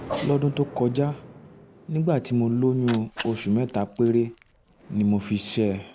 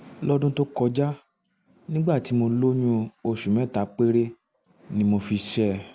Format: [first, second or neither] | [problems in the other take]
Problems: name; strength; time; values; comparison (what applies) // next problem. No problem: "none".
second | background sound (Cat + Thunder); 16 dB below the speech